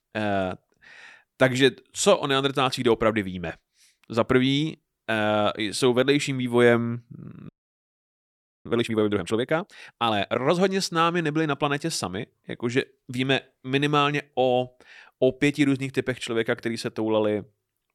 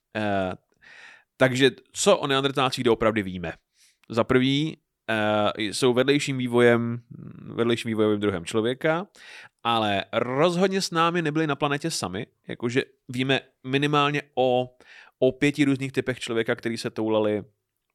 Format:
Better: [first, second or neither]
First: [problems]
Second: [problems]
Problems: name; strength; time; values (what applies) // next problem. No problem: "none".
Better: second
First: audio freezing; at 7.5 s for 1 s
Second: none